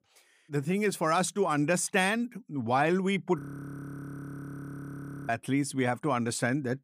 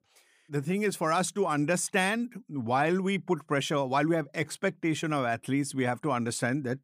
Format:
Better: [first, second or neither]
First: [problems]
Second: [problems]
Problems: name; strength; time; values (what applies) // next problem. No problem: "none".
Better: second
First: audio freezing; at 3.5 s for 2 s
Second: none